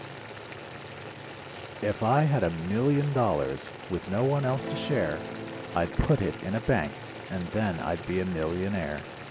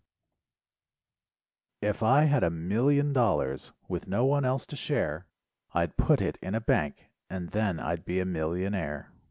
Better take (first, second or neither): second